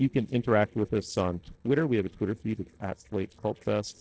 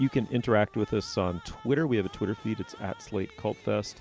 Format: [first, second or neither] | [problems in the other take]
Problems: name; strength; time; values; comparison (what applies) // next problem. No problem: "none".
second | noise reduction (neural separator model SepFormer DNS4)